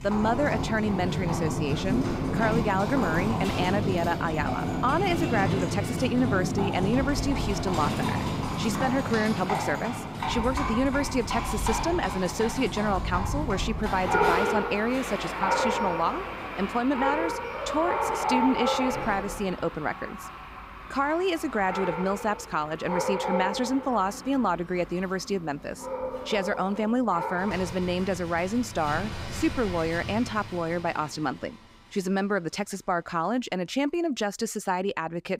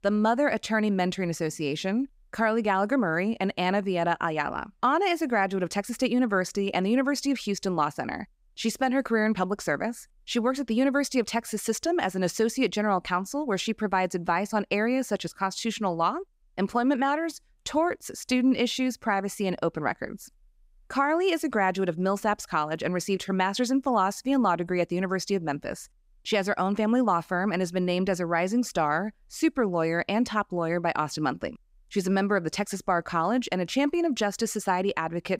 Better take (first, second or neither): second